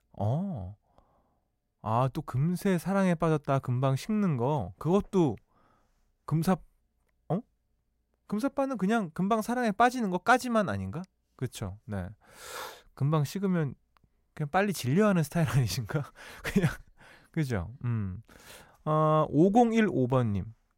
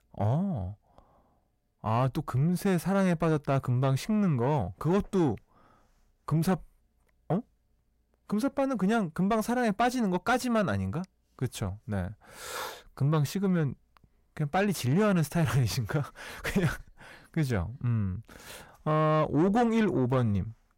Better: first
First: none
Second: distortion; slight; 10 dB below the speech

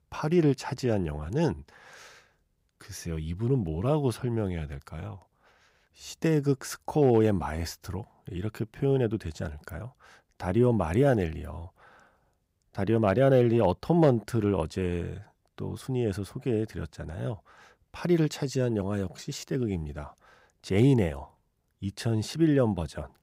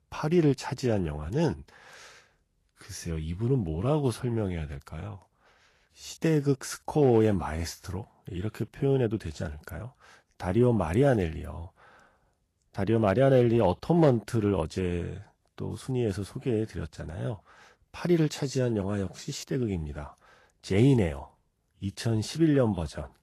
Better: first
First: none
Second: garbled, watery; slightly; nothing above 12.5 kHz

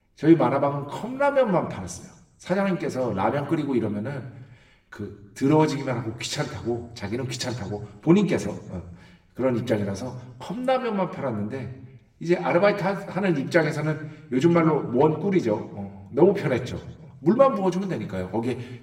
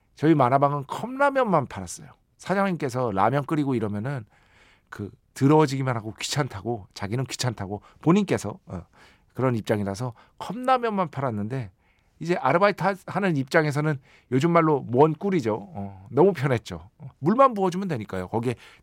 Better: second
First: room echo; slight; dies away in 0.8 s // off-mic speech; somewhat distant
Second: none

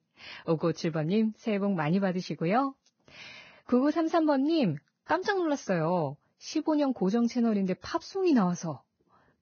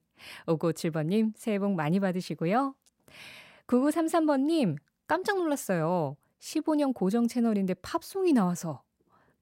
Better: second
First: garbled, watery; badly; nothing above 6.5 kHz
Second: none

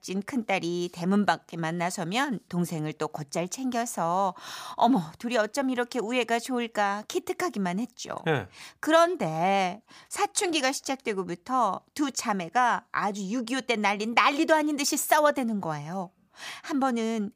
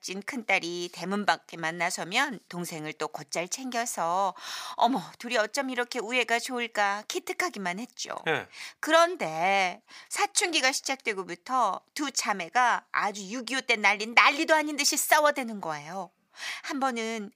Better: first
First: none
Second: thin; very slightly; fading below 1 kHz

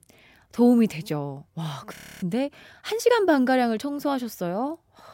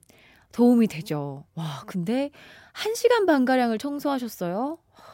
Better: second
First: audio freezing; at 2 s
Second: none

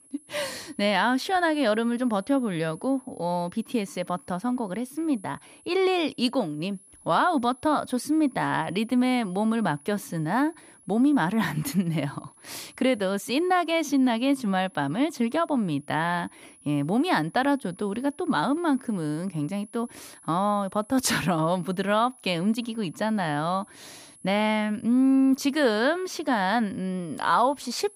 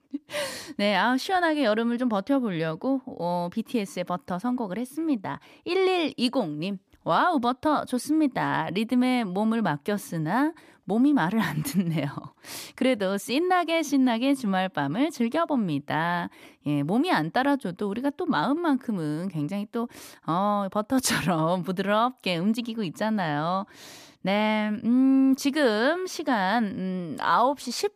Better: second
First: high-pitched whine; faint; throughout; 10.5 kHz, 25 dB below the speech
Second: none

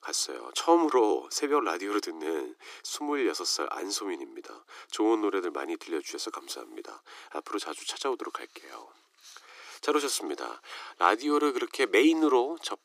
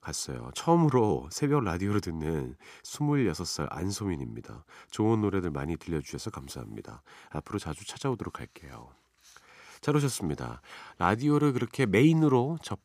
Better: second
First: thin; somewhat; fading below 300 Hz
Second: none

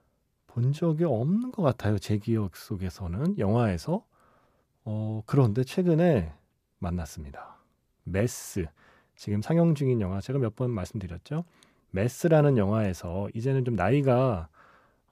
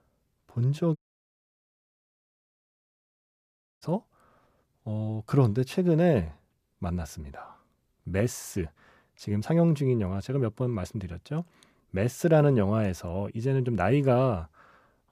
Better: first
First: none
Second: audio cutting out; at 1 s for 3 s

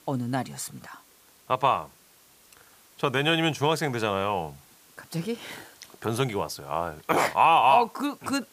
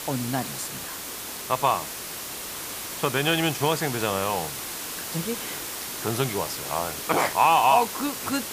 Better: first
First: hiss; faint; throughout; 30 dB below the speech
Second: hiss; loud; throughout; 6 dB below the speech

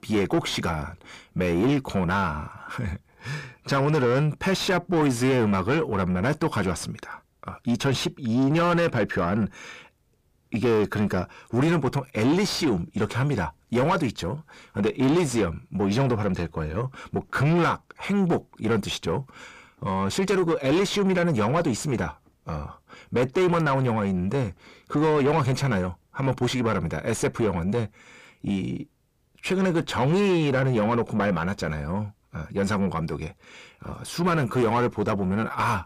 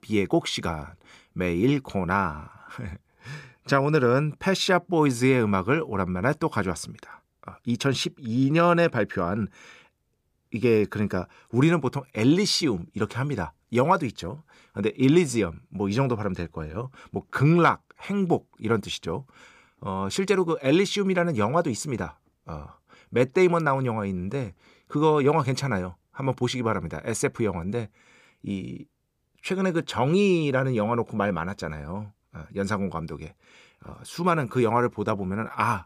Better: second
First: distortion; heavy; 7 dB below the speech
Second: none

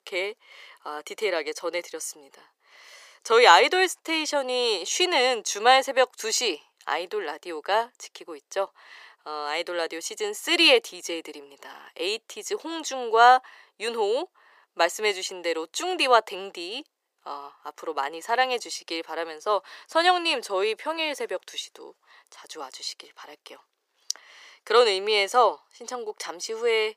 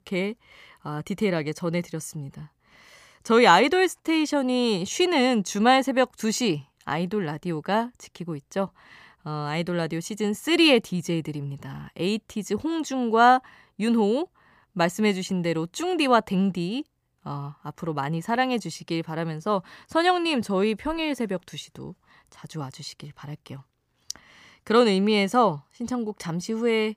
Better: second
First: thin; very; fading below 400 Hz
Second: none

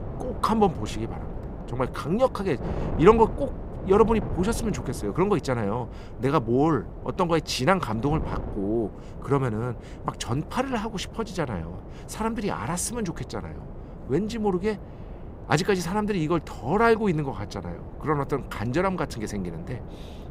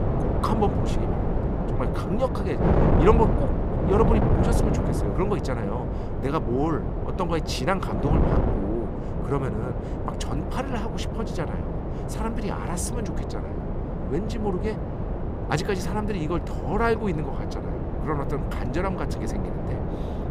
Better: first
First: wind noise on the microphone; occasional gusts; 15 dB below the speech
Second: wind noise on the microphone; heavy; 3 dB below the speech

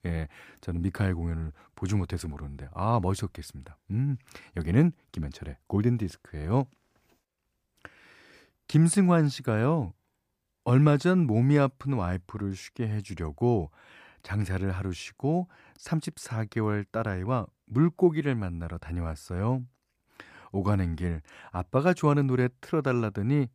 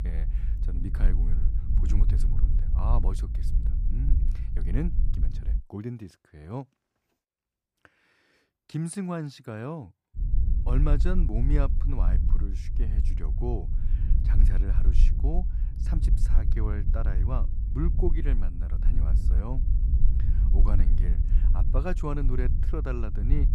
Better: first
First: none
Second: low rumble; loud; until 5.5 s and from 10 s on; 7 dB below the speech

